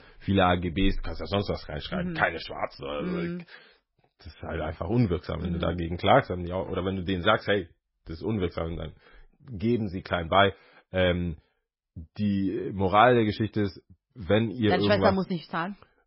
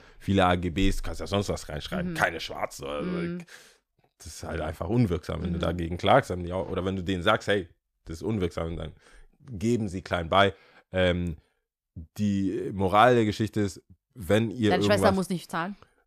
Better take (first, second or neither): second